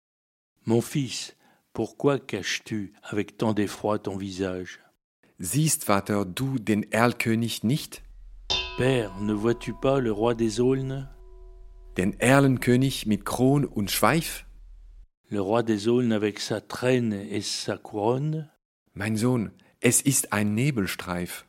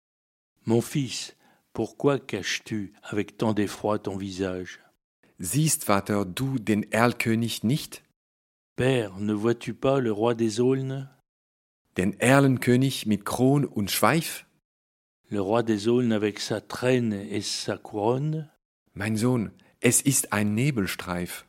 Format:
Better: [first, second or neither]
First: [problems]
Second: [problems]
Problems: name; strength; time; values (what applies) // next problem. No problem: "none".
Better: second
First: clattering dishes; noticeable; from 8 to 14 s; peak 2 dB below the speech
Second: none